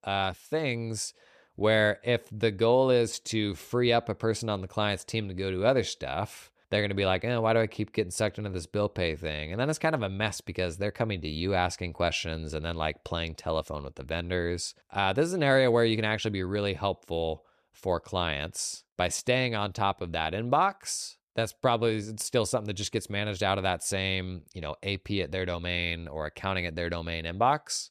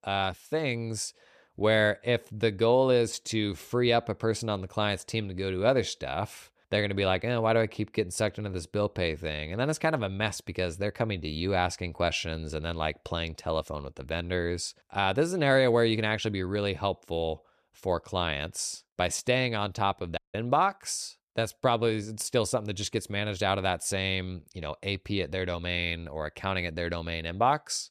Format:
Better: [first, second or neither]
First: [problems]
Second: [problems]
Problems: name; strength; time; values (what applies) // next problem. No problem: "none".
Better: first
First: none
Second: audio cutting out; at 20 s